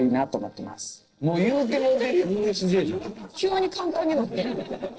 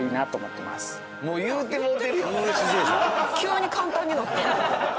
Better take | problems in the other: second | noise reduction (neural separator model SepFormer DNS4)

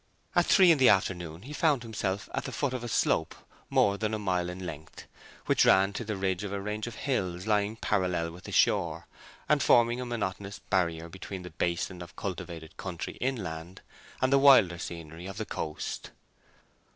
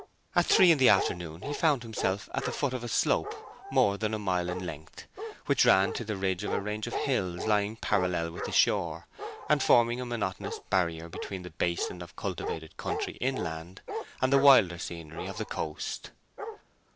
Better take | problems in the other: first | background sound (Bark); 10 dB below the speech

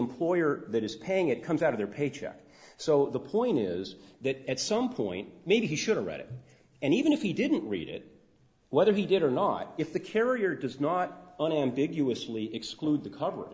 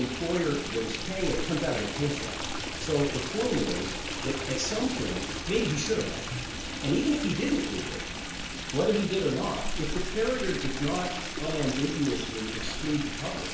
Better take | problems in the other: first | background sound (Stream); 4 dB below the speech // room echo; dies away in 0.5 s

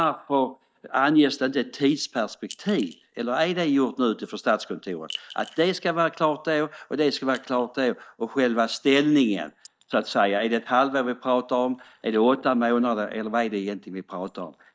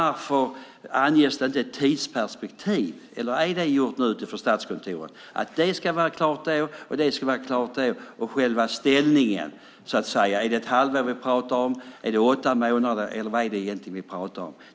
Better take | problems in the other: second | noise reduction (neural mask model DeepFilterNet 3)

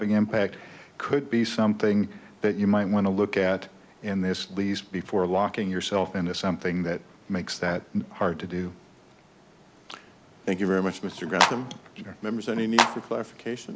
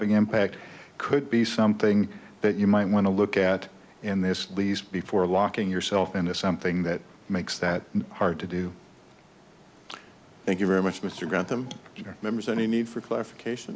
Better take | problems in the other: second | background sound (Clapping); 3 dB above the speech

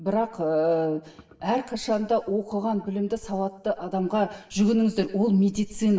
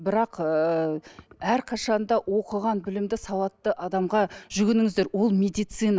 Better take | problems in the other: second | room echo; dies away in 0.7 s

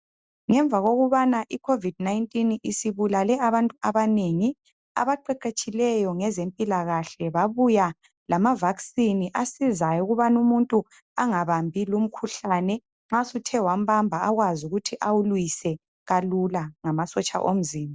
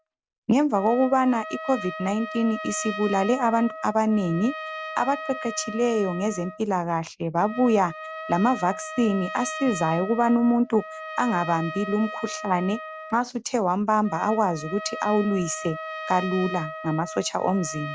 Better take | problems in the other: first | background sound (Trumpet); 11 dB below the speech

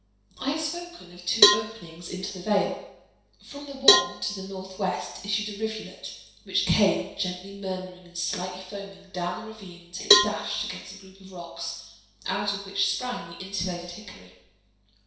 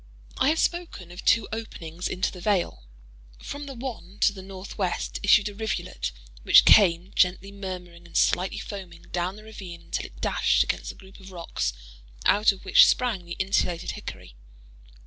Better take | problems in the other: second | background sound (Cowbell); 4 dB above the speech // room echo; dies away in 0.7 s

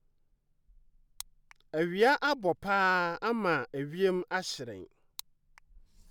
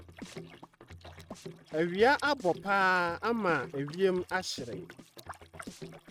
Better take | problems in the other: first | noise reduction (neural mask model RNNoise)

